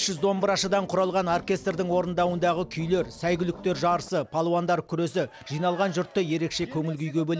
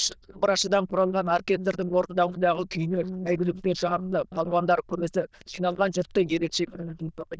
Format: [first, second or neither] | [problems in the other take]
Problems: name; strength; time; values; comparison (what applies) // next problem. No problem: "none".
first | noise reduction (neural diffusion model UNIVERSE++)